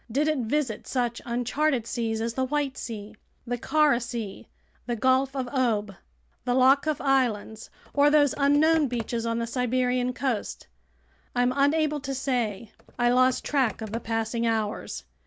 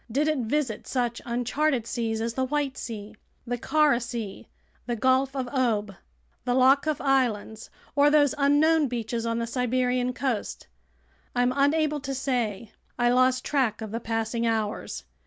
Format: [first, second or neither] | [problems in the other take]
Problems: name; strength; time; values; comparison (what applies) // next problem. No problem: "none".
second | background sound (Computer keyboard); 18 dB below the speech